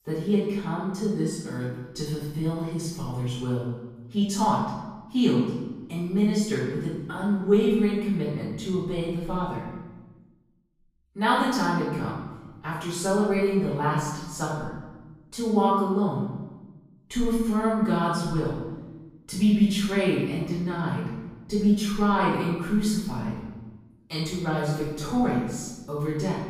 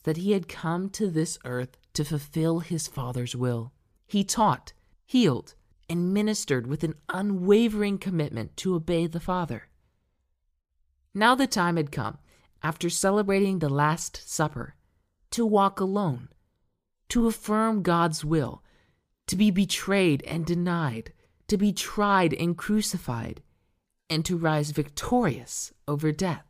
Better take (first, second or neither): second